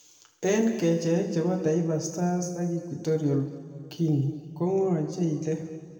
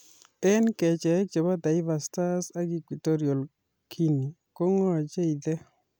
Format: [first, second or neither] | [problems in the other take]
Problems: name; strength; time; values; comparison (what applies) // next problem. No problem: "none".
second | room echo; dies away in 1.8 s